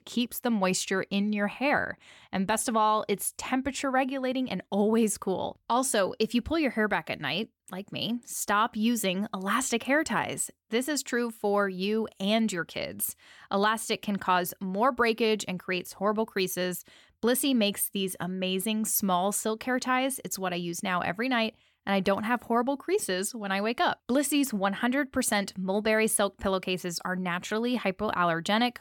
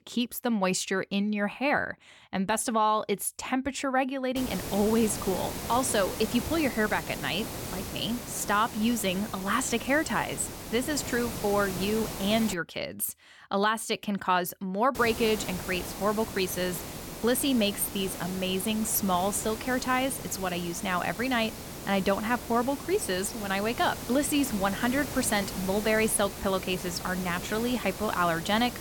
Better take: first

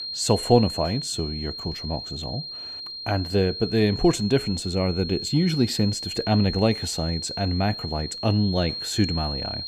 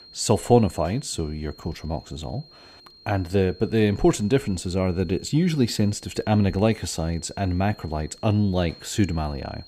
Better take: second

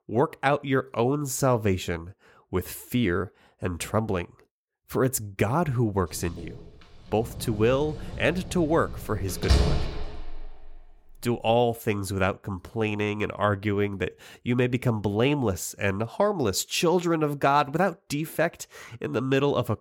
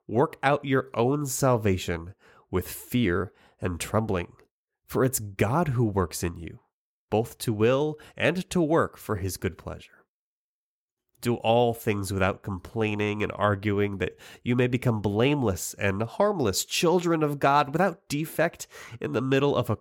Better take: second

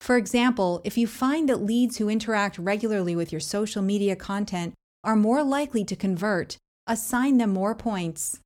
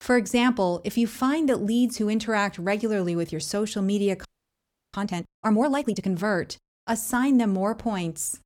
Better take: first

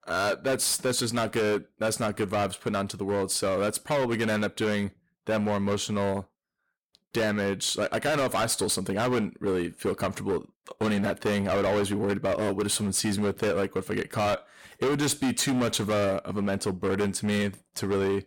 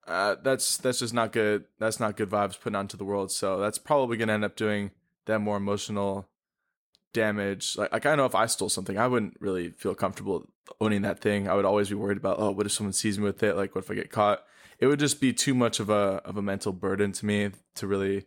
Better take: second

